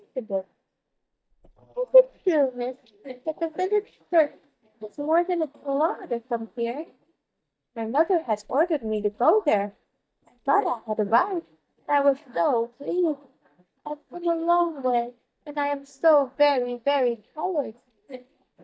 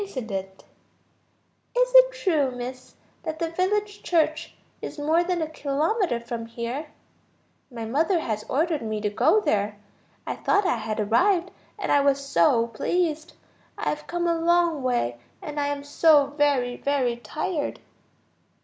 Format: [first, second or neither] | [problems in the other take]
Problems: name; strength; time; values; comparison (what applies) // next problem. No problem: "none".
second | noise reduction (neural mask model DeepFilterNet 3)